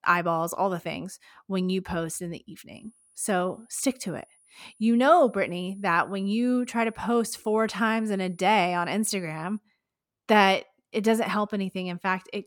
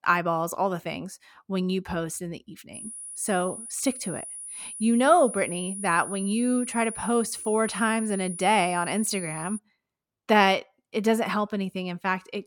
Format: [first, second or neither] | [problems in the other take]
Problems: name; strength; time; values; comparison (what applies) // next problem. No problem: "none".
first | high-pitched whine; loud; from 2.5 to 9.5 s; 9.5 kHz, 9 dB below the speech; faint in the first